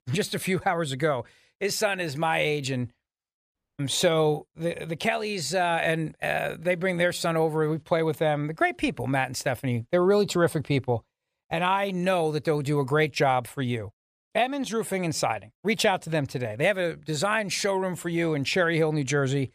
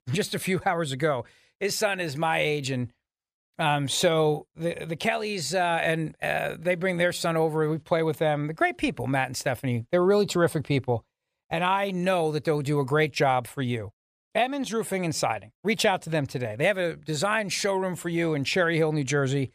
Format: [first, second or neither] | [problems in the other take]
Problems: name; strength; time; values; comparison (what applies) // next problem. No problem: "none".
second | audio cutting out; at 3.5 s